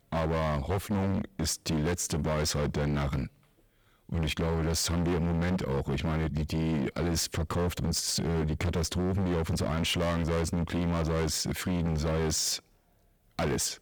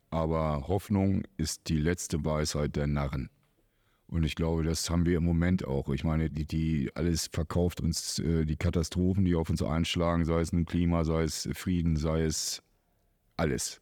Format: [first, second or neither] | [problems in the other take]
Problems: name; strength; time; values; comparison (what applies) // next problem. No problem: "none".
second | distortion; heavy; 27% of the sound clipped